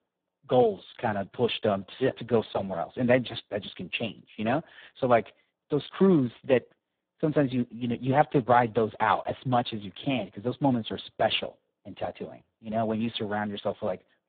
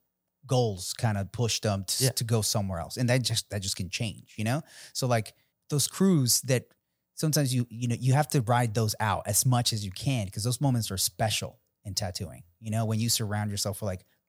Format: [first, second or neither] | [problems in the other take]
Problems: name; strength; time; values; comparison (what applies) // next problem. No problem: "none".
second | phone-call audio; poor line; nothing above 4 kHz